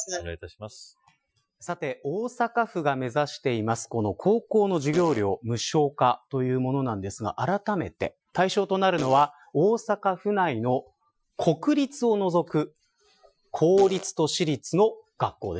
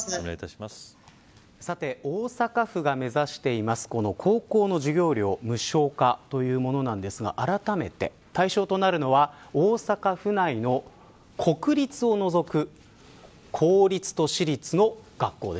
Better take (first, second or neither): second